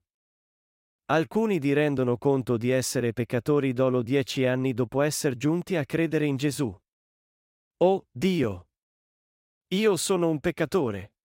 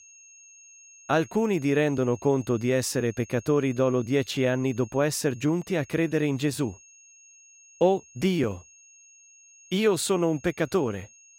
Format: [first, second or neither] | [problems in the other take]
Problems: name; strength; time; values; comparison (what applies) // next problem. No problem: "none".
first | high-pitched whine; faint; throughout; 6.5 kHz, 25 dB below the speech